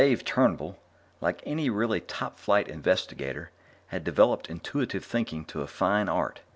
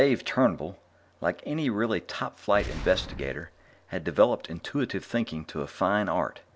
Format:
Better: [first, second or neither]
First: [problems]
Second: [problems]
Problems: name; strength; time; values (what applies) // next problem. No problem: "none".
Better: first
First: none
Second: background sound (Boom); 14 dB below the speech